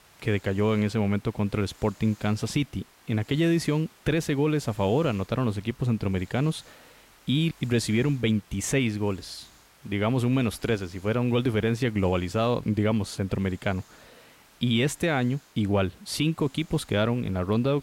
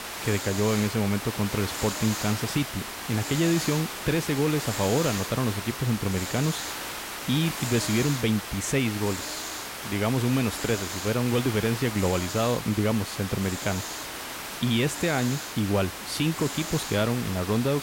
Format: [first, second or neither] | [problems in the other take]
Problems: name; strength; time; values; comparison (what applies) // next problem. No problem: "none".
first | hiss; loud; throughout; 6 dB below the speech; faint in the first